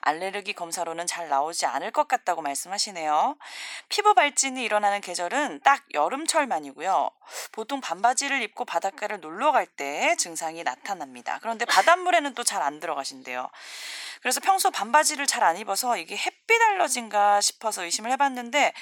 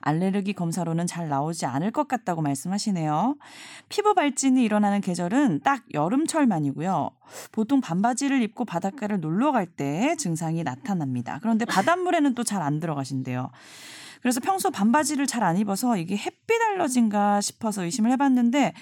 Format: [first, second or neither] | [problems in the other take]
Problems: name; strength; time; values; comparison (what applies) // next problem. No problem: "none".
second | thin; very; fading below 550 Hz